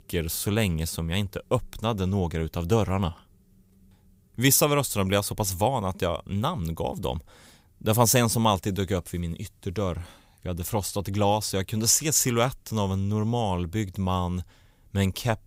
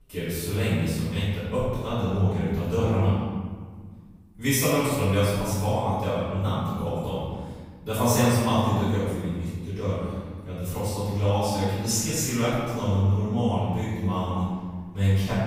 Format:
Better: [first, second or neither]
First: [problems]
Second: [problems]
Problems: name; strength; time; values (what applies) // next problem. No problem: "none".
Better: first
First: none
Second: off-mic speech; far // room echo; strong; dies away in 1.6 s